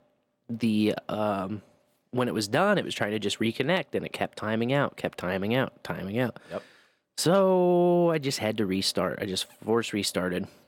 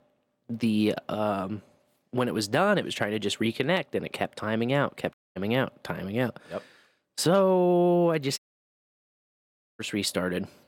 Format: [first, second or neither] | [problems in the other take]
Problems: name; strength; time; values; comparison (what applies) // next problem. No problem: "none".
first | audio cutting out; at 5 s and at 8.5 s for 1.5 s